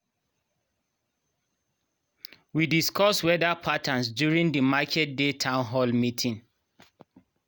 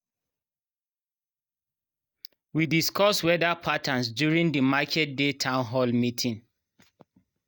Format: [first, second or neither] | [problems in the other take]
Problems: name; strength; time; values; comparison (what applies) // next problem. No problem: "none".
first | noise reduction (neural mask model DeepFilterNet 3)